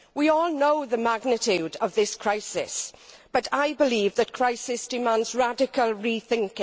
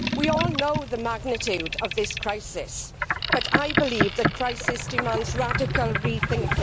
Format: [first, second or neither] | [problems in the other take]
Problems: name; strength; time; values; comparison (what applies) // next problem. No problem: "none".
first | background sound (Boat, Water vehicle); 1 dB above the speech